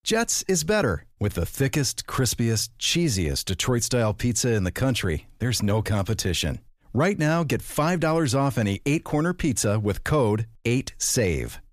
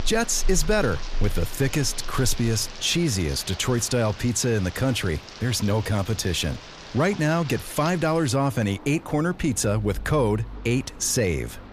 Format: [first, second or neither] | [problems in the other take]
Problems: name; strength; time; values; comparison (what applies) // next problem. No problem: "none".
first | rain or running water; noticeable; throughout; 15 dB below the speech